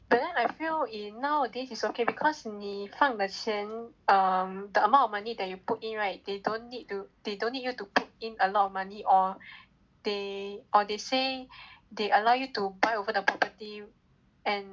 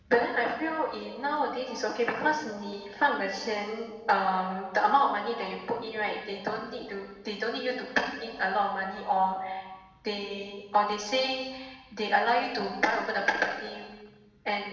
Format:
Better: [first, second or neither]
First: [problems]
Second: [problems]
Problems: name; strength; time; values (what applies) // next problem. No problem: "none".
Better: first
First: none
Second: room echo; dies away in 1.1 s